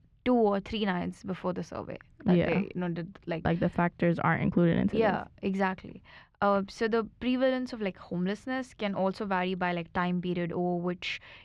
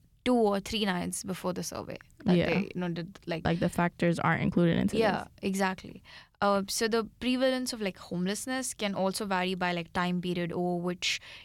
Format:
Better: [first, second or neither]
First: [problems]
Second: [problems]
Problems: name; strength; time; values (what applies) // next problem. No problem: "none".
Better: second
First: muffled; slightly; fading above 2.5 kHz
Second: none